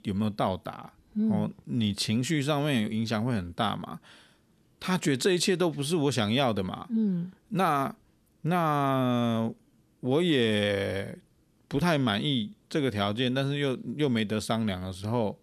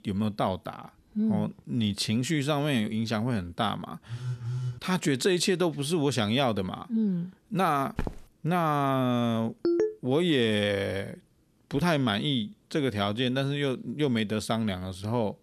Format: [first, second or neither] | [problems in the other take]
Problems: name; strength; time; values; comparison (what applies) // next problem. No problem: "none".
first | phone ringing; noticeable; at 4 s; peak 5 dB below the speech // footsteps; noticeable; at 8 s; peak 9 dB below the speech // phone ringing; loud; at 9.5 s; peak 1 dB above the speech